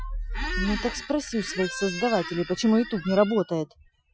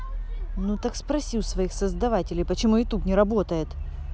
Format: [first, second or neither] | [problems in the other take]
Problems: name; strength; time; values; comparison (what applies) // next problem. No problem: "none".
second | noise reduction (classical method Wiener filter)